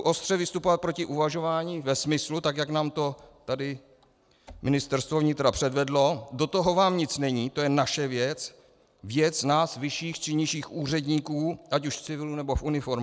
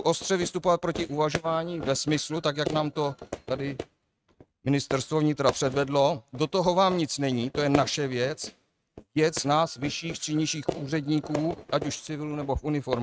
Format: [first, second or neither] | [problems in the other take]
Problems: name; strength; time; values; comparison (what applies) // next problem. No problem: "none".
first | noise reduction (neural mask model RNNoise)